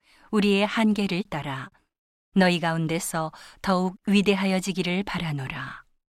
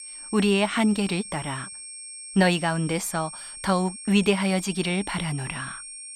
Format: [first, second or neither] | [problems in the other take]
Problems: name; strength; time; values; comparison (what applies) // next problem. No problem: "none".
first | high-pitched whine; noticeable; throughout; 8.5 kHz, 10 dB below the speech